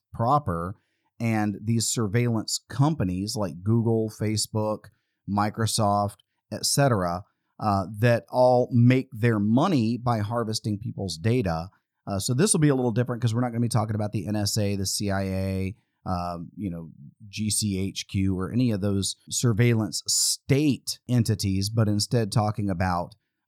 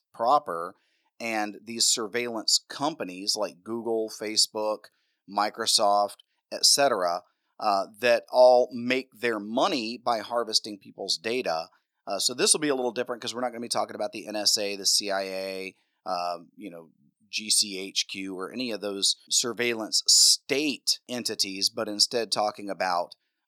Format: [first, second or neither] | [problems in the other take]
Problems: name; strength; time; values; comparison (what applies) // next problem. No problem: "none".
first | thin; very; fading below 350 Hz